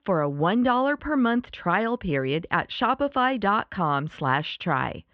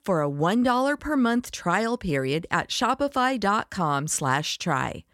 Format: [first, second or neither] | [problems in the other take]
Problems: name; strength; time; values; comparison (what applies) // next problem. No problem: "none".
second | muffled; very; fading above 3 kHz